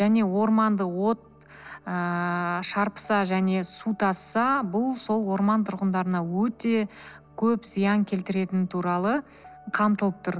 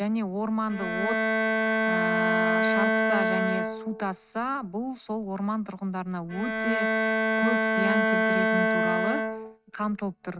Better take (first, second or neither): first